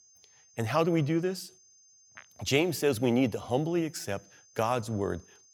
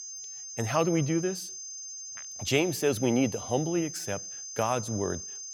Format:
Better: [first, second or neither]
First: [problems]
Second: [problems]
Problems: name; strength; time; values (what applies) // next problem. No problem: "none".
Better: first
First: high-pitched whine; faint; throughout; 6.5 kHz, 30 dB below the speech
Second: high-pitched whine; loud; throughout; 6.5 kHz, 8 dB below the speech